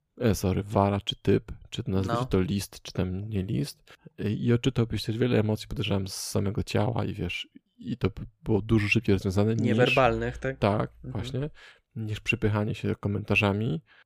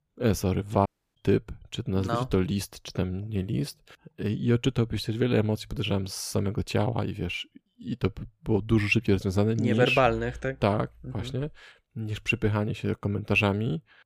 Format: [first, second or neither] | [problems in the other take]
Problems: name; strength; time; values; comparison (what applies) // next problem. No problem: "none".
first | audio cutting out; at 1 s